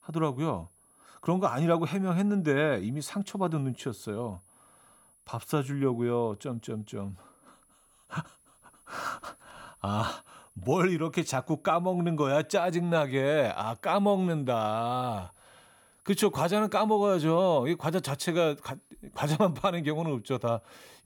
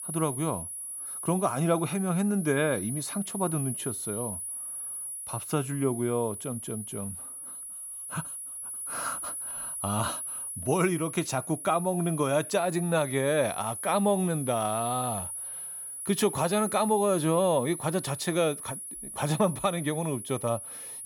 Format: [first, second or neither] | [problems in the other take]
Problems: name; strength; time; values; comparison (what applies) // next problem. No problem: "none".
first | high-pitched whine; loud; throughout; 10 kHz, 6 dB below the speech; faint in the first